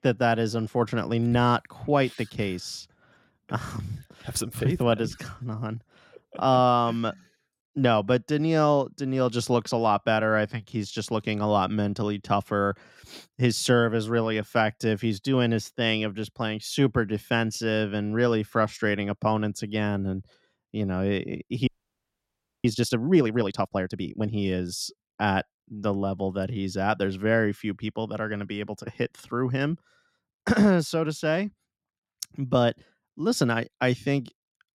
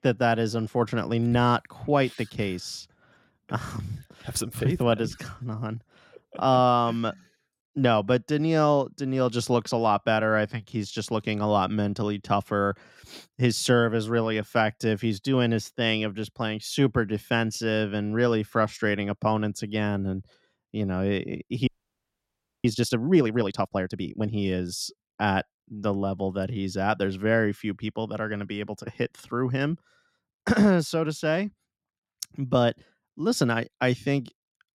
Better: neither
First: audio freezing; at 22 s for 1 s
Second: audio freezing; at 22 s for 1 s

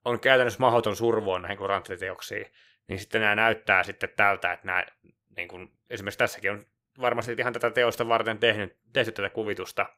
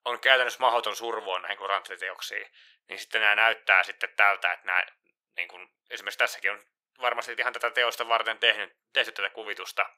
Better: first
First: none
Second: thin; very; fading below 850 Hz

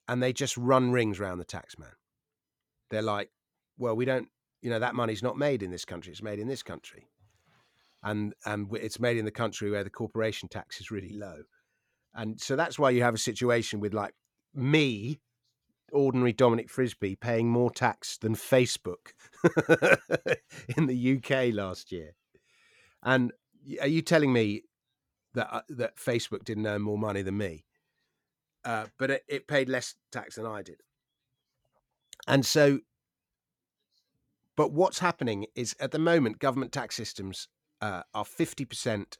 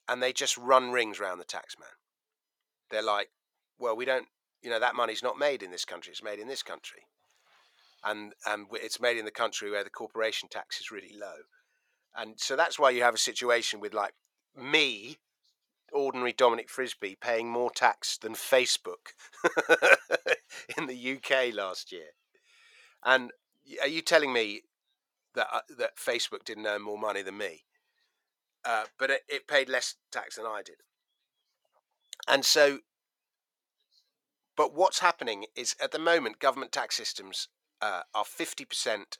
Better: first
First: none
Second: thin; very; fading below 650 Hz

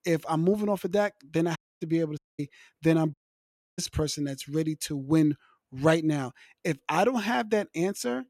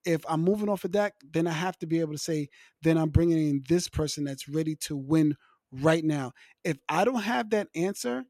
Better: second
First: audio cutting out; at 1.5 s, at 2 s and at 3 s for 0.5 s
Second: none

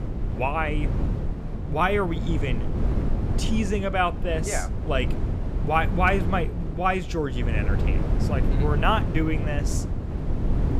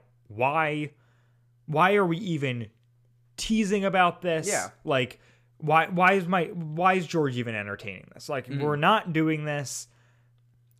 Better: second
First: wind noise on the microphone; occasional gusts; 10 dB below the speech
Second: none

